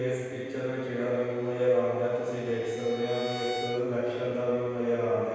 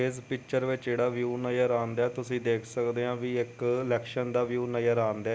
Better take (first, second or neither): second